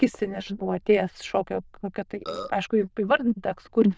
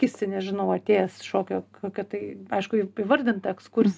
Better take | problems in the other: second | noise reduction (neural diffusion model UNIVERSE++)

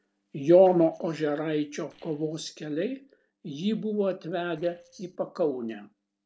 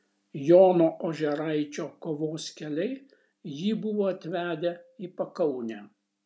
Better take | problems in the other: second | noise reduction (neural separator model SepFormer DNS4)

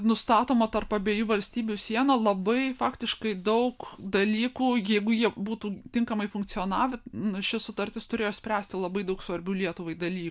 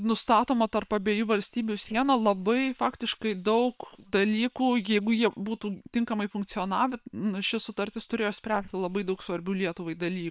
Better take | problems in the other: first | noise reduction (neural separator model SepFormer WHAM!)

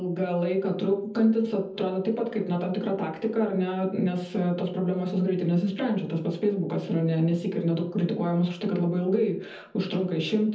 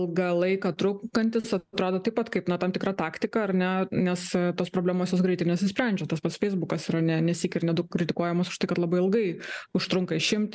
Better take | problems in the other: second | room echo; dies away in 0.7 s

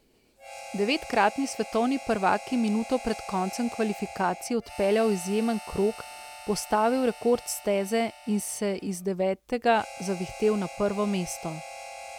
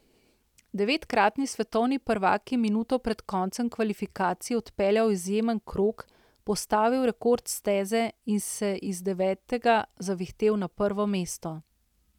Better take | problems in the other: second | background sound (Harmonica); 15 dB below the speech

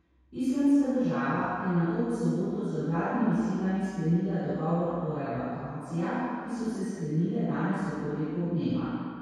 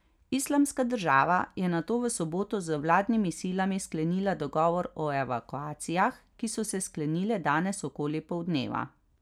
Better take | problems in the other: second | room echo; dies away in 2 s

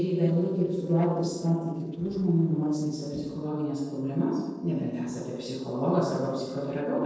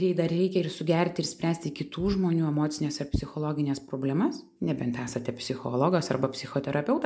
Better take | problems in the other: second | noise reduction (neural separator model SepFormer DNS4)

